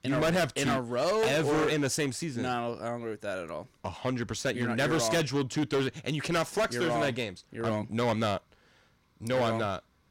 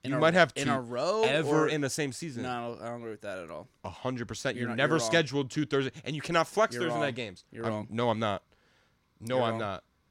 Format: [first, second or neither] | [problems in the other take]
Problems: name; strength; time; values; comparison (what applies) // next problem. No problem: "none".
second | distortion; heavy; 11% of the sound clipped